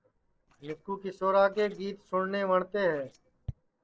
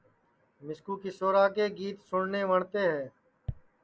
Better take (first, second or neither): second